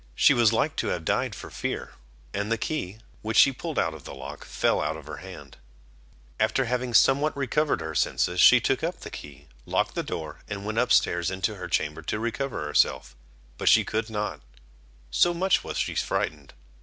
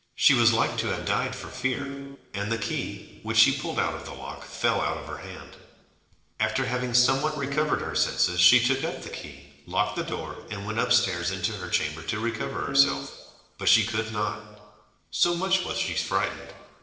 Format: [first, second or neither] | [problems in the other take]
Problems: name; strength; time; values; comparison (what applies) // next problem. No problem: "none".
first | noise reduction (neural separator model SepFormer DNS4)